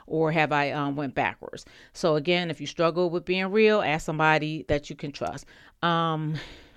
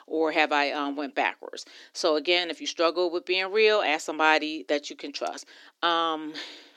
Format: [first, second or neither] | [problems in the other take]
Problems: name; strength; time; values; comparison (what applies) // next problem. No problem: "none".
first | thin; somewhat; fading below 300 Hz